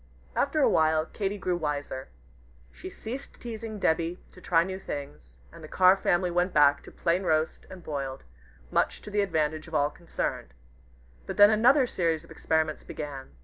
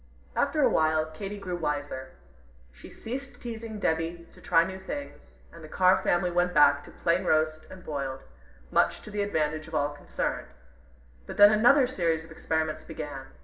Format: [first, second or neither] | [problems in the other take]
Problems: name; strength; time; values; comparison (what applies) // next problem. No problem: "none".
first | room echo; dies away in 1.7 s